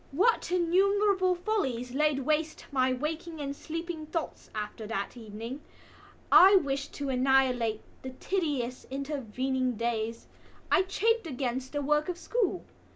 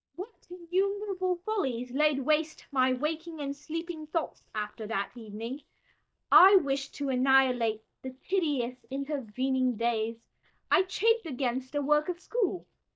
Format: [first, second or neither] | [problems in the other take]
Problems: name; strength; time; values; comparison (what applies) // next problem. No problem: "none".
first | noise reduction (neural mask model DeepFilterNet 3)